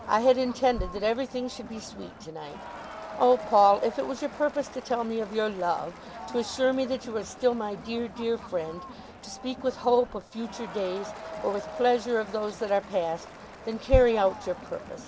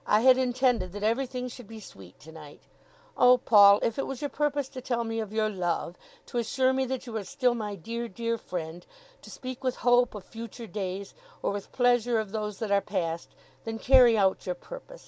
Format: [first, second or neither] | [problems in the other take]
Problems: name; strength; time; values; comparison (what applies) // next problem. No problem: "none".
second | background sound (Crowd); 15 dB below the speech